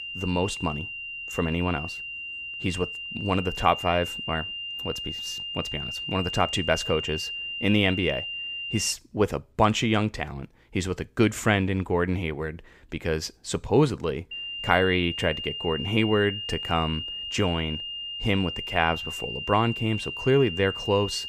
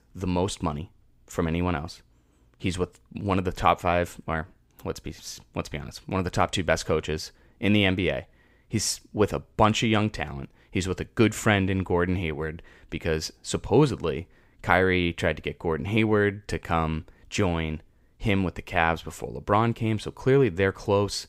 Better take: second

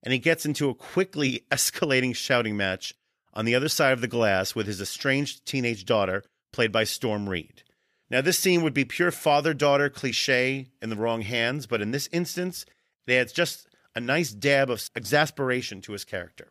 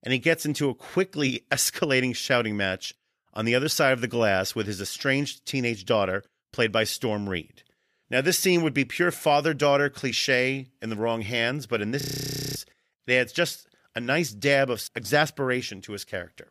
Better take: first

